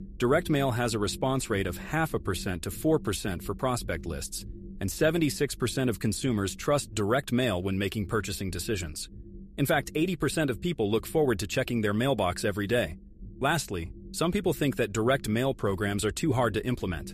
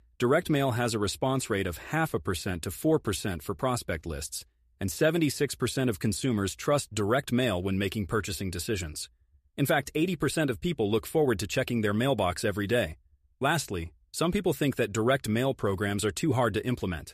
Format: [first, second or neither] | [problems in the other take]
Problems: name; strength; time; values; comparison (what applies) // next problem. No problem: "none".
second | low rumble; faint; throughout; 25 dB below the speech